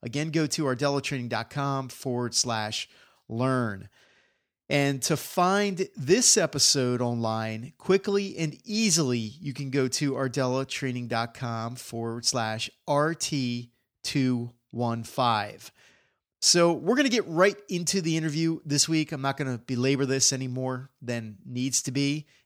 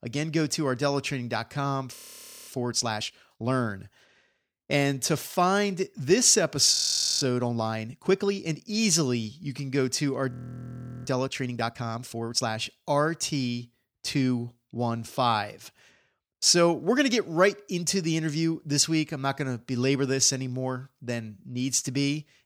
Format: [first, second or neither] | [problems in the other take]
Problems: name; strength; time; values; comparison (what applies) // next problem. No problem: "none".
first | audio freezing; at 2 s for 0.5 s, at 6.5 s and at 10 s for 0.5 s